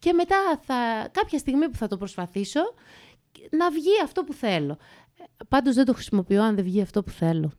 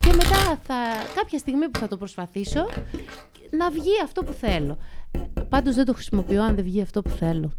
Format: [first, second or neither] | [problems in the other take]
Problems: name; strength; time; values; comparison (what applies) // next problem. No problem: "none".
first | household noises; loud; throughout; 5 dB below the speech